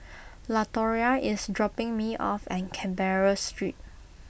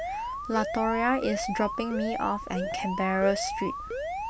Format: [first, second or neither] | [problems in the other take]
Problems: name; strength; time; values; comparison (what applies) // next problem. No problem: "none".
first | background sound (Alarm); 4 dB below the speech